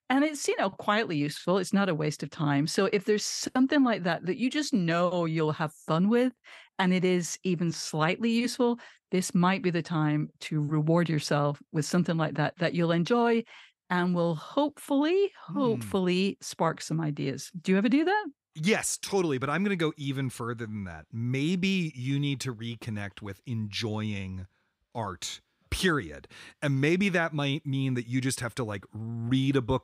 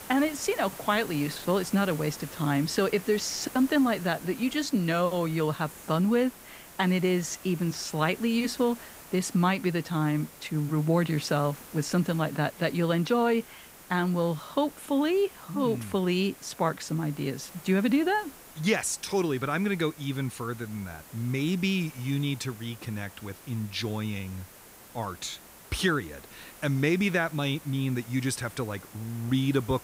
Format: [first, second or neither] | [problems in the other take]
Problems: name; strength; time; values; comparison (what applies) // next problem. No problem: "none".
first | hiss; noticeable; throughout; 15 dB below the speech